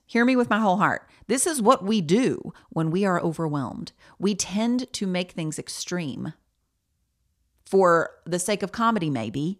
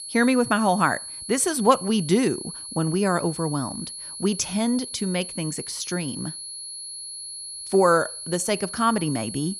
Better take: first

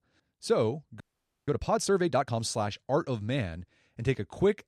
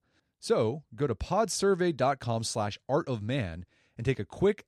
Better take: second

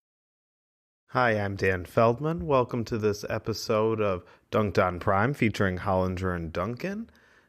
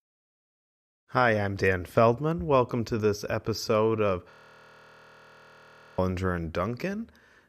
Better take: first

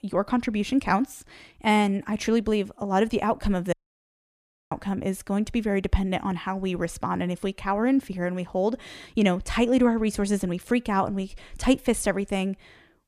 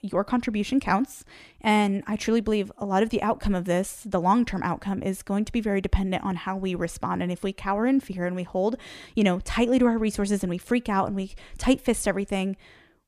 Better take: second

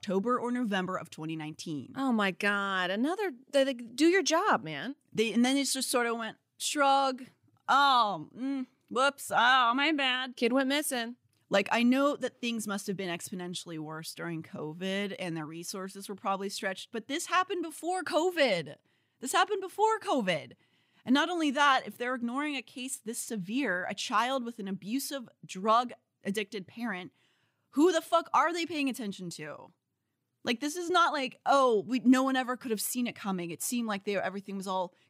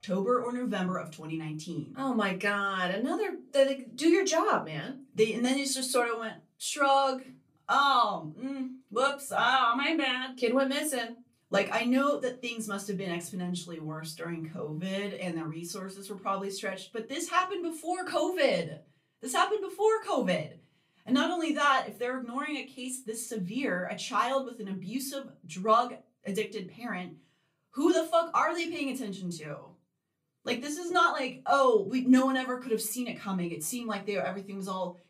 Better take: first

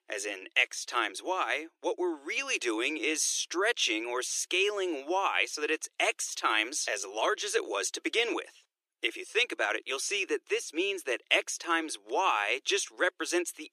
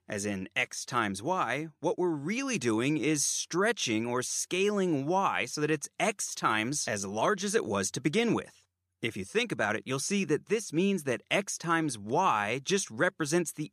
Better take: second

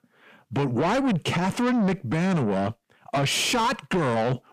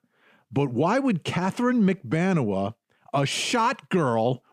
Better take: second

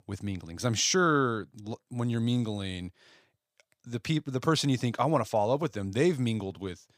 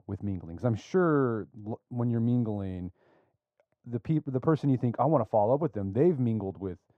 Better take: first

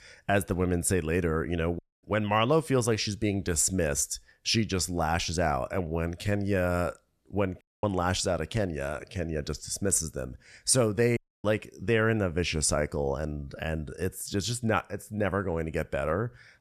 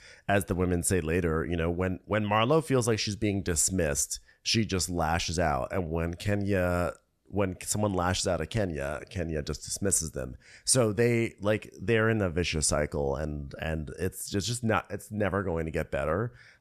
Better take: second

